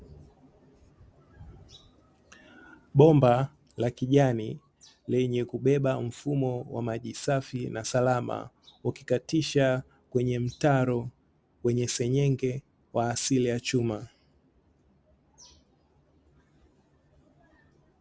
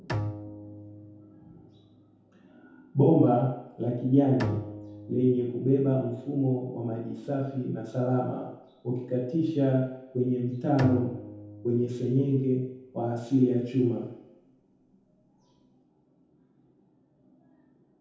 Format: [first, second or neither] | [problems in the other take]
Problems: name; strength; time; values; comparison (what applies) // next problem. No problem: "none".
first | background sound (Bowed string instrument); 12 dB below the speech // room echo; dies away in 0.8 s